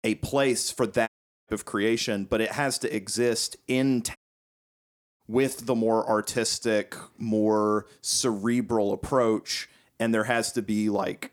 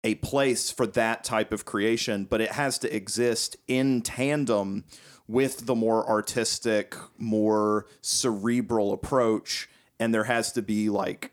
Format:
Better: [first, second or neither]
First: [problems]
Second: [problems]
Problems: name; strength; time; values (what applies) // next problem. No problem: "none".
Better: second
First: audio cutting out; at 1 s and at 4 s for 1 s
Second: none